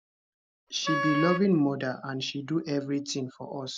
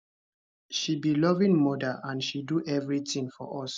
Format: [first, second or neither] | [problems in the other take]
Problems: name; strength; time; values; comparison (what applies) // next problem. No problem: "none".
second | background sound (Wind instrument, woodwind instrument); 4 dB below the speech